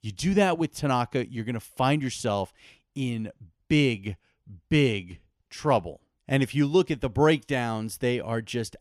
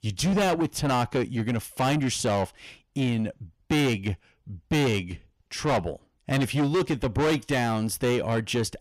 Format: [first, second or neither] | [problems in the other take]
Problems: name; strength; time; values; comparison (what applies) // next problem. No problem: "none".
first | distortion; heavy; 6 dB below the speech